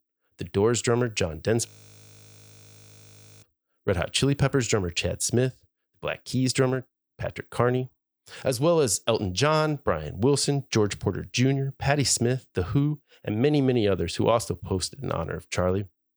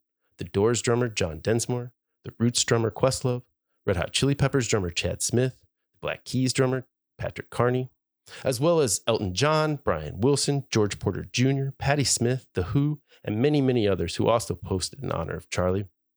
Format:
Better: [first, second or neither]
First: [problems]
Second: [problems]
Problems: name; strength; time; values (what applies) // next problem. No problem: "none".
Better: second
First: audio freezing; at 1.5 s for 2 s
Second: none